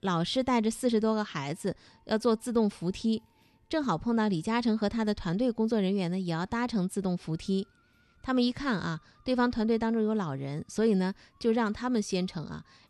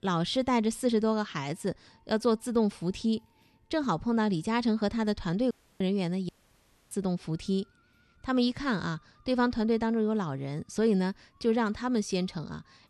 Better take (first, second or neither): first